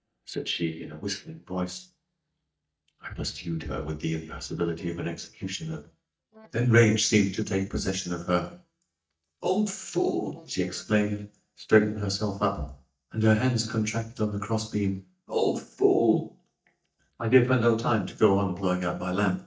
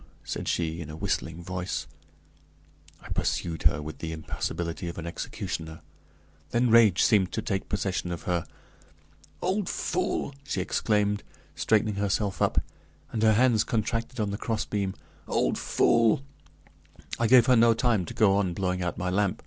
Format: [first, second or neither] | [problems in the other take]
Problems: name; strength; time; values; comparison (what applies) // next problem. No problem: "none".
second | noise reduction (neural mask model DeepFilterNet 3)